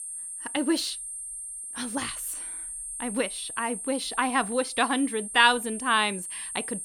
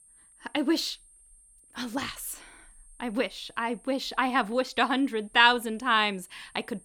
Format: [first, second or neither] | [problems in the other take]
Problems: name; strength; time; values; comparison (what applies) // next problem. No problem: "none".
second | high-pitched whine; loud; throughout; 8.5 kHz, 7 dB below the speech; faint in the second